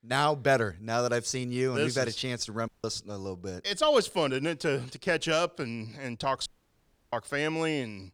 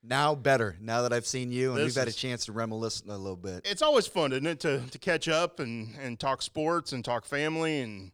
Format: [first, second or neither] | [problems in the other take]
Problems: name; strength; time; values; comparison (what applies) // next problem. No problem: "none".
second | audio cutting out; at 2.5 s and at 6.5 s for 0.5 s